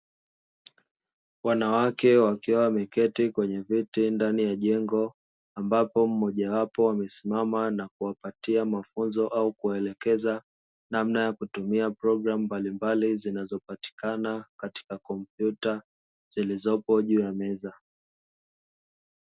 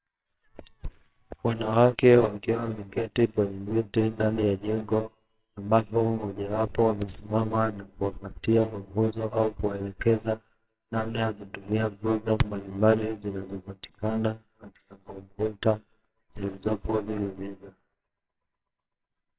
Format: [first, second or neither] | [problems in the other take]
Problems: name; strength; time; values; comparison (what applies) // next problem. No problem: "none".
first | noise reduction (neural separator model SepFormer WHAMR!)